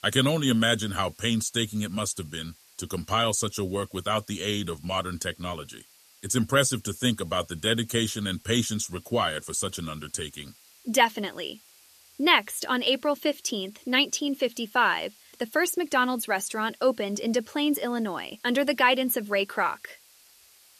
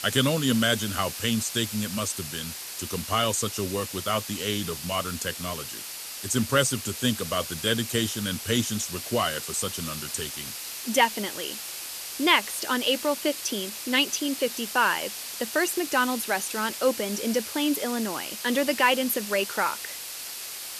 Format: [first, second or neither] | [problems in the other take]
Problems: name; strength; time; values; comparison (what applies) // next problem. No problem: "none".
first | hiss; loud; throughout; 7 dB below the speech; faint in the first